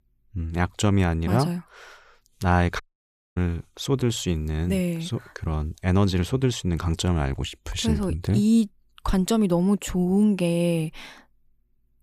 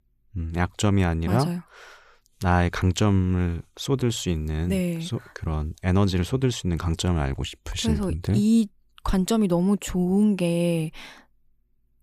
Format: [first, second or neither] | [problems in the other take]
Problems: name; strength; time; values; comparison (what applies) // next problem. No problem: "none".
second | audio cutting out; at 3 s for 0.5 s